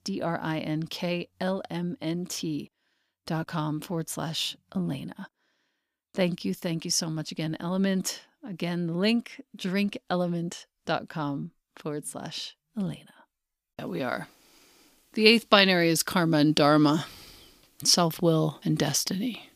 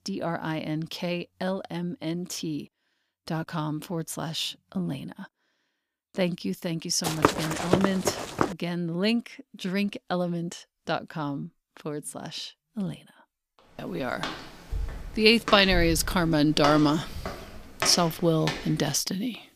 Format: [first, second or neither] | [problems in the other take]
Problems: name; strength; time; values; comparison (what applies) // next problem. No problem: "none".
first | footsteps; loud; from 7 to 8.5 s; peak 2 dB above the speech // footsteps; noticeable; from 14 to 19 s; peak 4 dB below the speech